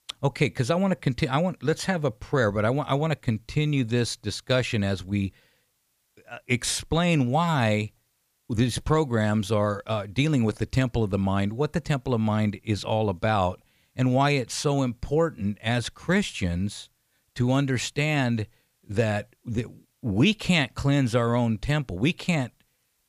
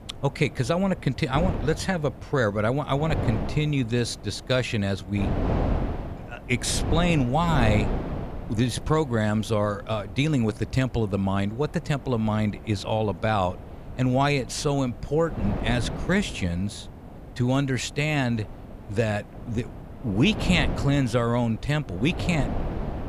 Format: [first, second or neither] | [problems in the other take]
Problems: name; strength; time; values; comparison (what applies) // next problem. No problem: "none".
first | wind noise on the microphone; occasional gusts; 10 dB below the speech